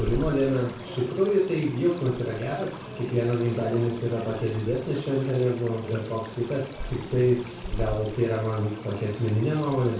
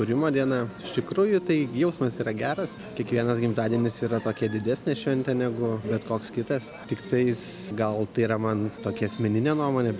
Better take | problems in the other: second | background sound (Stream); 12 dB below the speech // room echo; dies away in 0.4 s

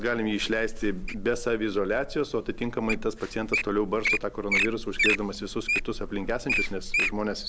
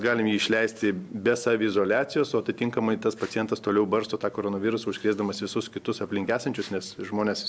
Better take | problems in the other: second | background sound (Wild animals); 2 dB below the speech

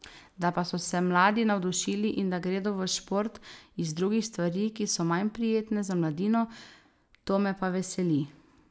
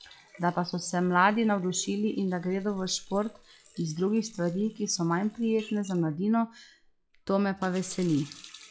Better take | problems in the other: first | noise reduction (classical method log-MMSE)

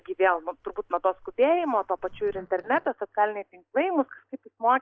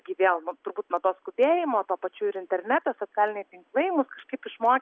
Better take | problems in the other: second | noise reduction (neural mask model DeepFilterNet 3)

